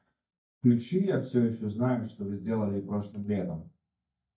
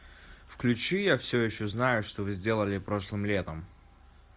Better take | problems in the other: second | noise reduction (neural mask model DeepFilterNet 3)

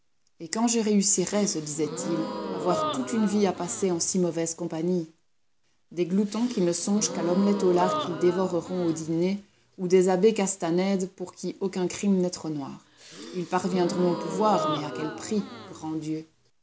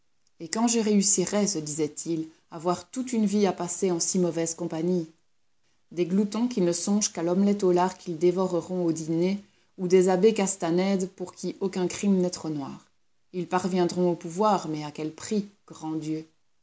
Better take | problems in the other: second | background sound (Gasp); 8 dB below the speech

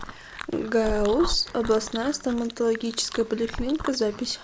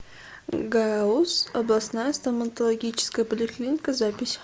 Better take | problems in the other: second | background sound (Chewing, mastication); 9 dB below the speech

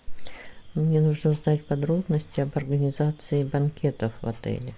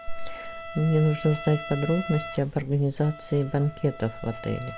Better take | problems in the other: first | background sound (Trumpet); 14 dB below the speech

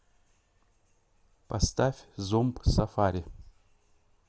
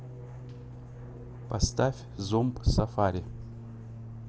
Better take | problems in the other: first | background sound (Fixed-wing aircraft, airplane); 11 dB below the speech

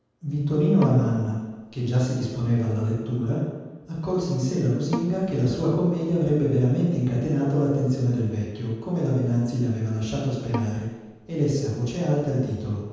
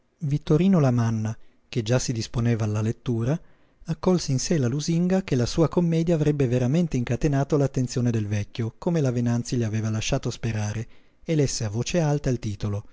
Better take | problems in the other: second | background sound (Bowed string instrument); 13 dB below the speech // room echo; dies away in 1.2 s

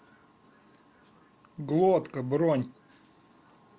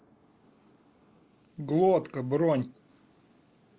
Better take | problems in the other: first | noise reduction (neural mask model Resemble Enhance denoiser)

